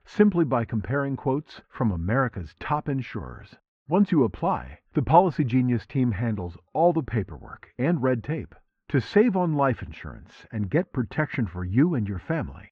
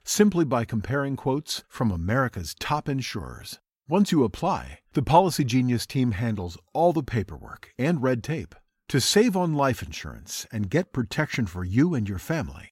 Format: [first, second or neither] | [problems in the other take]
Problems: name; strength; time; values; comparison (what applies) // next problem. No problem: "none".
second | muffled; very; fading above 2 kHz